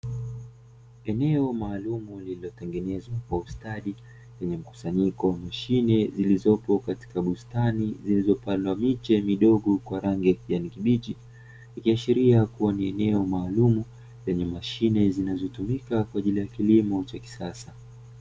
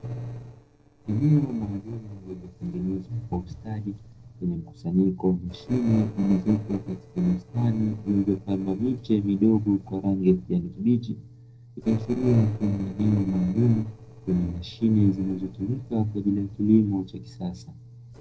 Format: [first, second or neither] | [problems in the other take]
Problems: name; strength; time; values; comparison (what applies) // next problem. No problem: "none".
first | noise reduction (neural separator model SepFormer DNS4)